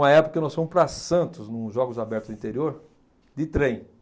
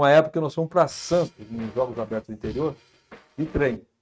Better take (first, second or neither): first